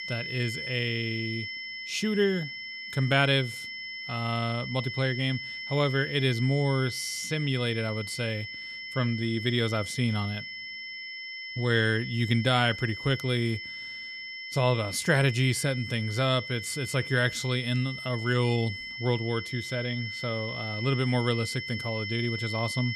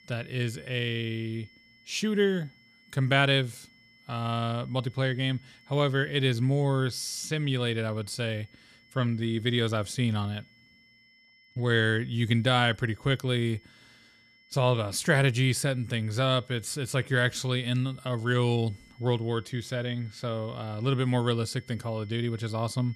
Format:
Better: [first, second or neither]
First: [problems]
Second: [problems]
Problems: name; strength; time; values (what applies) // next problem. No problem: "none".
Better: second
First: high-pitched whine; loud; throughout; 2 kHz, 7 dB below the speech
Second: high-pitched whine; faint; throughout; 2 kHz, 30 dB below the speech